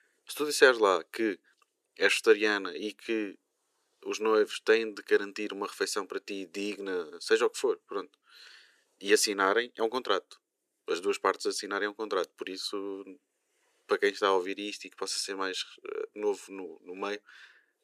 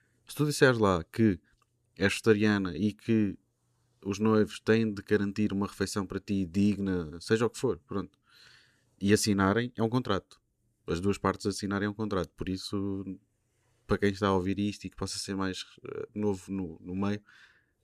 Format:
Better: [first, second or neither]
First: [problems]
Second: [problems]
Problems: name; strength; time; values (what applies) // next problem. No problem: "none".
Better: second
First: thin; very; fading below 400 Hz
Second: none